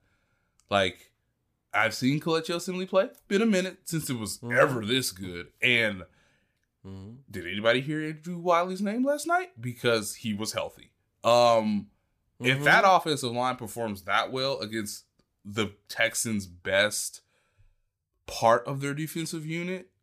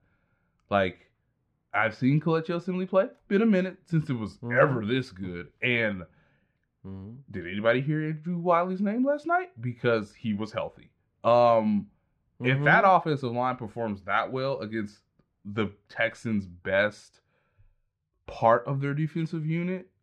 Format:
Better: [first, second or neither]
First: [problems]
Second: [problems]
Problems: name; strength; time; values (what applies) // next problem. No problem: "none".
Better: first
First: none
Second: muffled; very; fading above 2 kHz